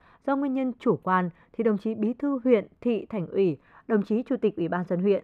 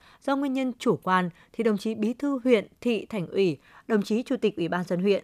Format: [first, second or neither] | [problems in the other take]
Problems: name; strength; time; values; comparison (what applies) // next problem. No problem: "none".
second | muffled; very; fading above 3 kHz